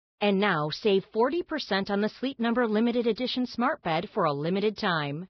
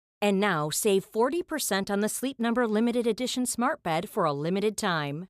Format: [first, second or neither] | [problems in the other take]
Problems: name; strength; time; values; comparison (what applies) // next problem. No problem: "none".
second | garbled, watery; badly; nothing above 5.5 kHz